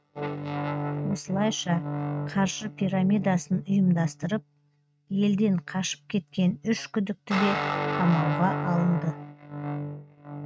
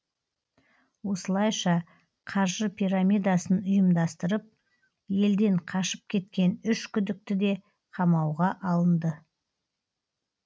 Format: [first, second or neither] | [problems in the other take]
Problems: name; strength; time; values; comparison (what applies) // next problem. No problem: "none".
second | noise reduction (neural mask model RNNoise)